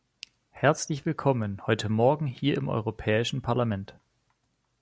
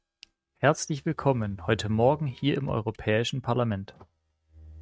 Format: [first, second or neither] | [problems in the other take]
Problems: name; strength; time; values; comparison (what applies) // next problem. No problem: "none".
first | noise reduction (neural mask model RNNoise)